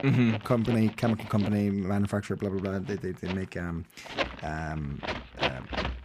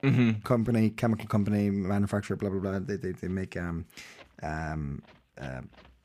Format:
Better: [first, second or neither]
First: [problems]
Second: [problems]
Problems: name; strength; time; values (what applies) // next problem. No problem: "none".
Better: second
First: household noises; loud; throughout; 7 dB below the speech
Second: household noises; faint; throughout; 30 dB below the speech